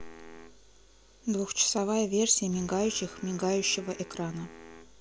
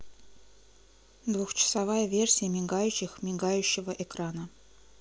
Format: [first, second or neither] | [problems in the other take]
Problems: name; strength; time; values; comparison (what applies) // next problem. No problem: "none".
second | background sound (Explosion + Wind instrument, woodwind instrument); 20 dB below the speech